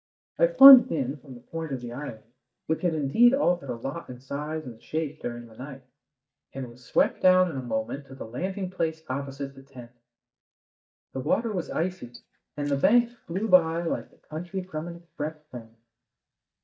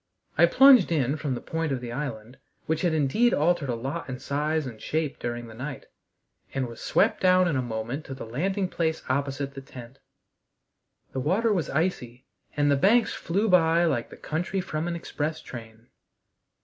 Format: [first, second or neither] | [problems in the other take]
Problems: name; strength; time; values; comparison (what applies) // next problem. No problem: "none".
second | noise reduction (neural mask model DeepFilterNet 3)